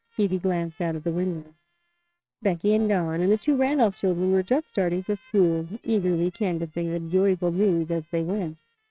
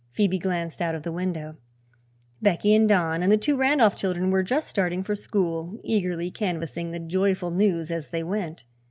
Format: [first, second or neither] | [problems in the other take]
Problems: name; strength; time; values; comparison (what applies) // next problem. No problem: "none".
second | noise reduction (neural separator model SepFormer WHAMR!)